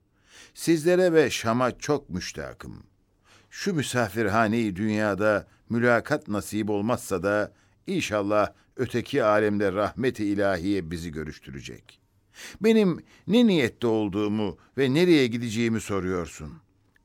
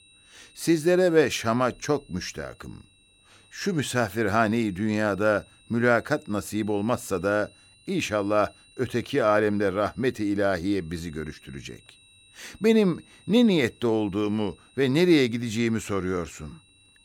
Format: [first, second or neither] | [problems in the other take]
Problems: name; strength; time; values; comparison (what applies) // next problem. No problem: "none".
first | high-pitched whine; faint; throughout; 4 kHz, 30 dB below the speech